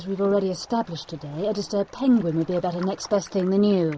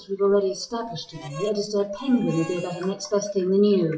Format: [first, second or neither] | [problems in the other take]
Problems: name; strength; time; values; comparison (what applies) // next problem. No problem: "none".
first | noise reduction (classical method WPE with log-MMSE)